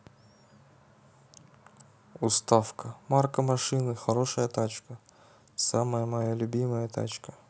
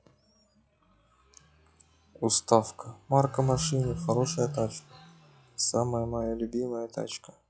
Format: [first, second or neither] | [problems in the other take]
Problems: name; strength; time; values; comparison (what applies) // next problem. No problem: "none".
first | noise reduction (classical method log-MMSE)